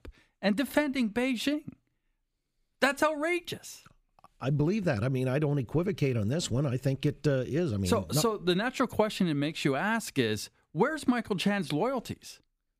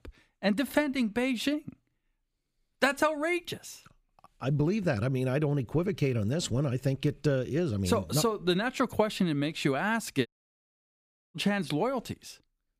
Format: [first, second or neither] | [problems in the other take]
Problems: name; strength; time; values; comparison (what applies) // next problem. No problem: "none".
first | audio cutting out; at 10 s for 1 s